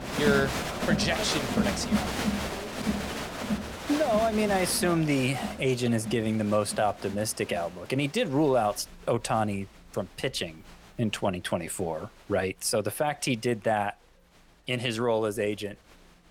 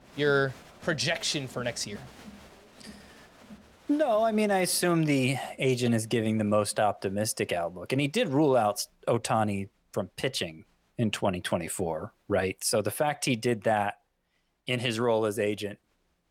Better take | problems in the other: second | crowd noise; loud; throughout; 4 dB below the speech; faint in the second

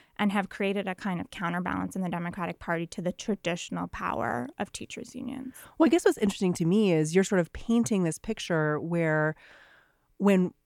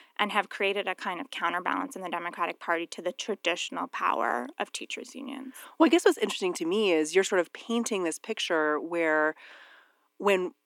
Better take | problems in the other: first | thin; somewhat; fading below 250 Hz

